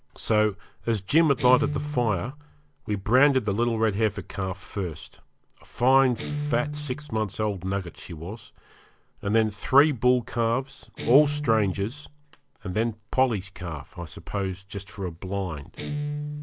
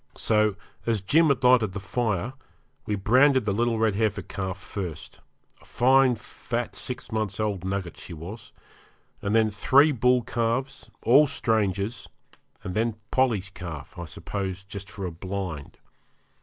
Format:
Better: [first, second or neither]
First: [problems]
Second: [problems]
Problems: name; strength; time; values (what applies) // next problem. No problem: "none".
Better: second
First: background sound (Guitar); 11 dB below the speech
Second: none